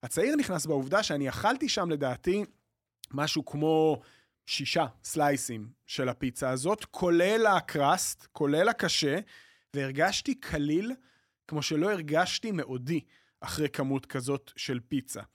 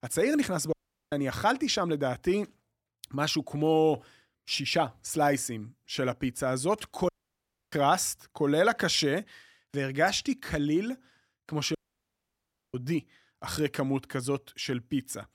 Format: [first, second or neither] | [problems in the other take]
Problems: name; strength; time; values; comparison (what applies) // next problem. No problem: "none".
first | audio cutting out; at 0.5 s, at 7 s for 0.5 s and at 12 s for 1 s